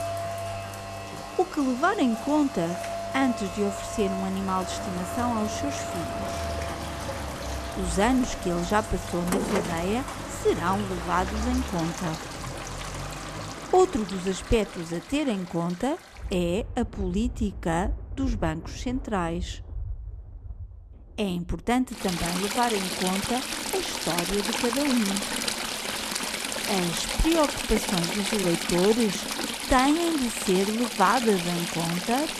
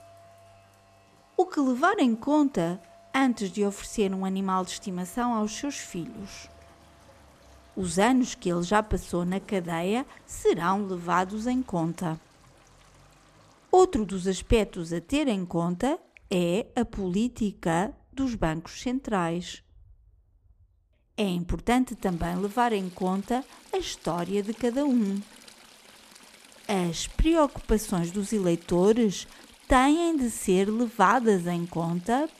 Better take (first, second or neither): second